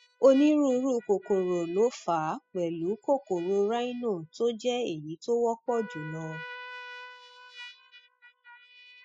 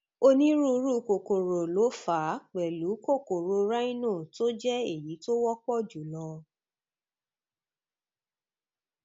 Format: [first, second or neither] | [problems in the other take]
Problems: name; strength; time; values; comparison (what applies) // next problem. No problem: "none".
second | noise reduction (classical method spectral subtraction)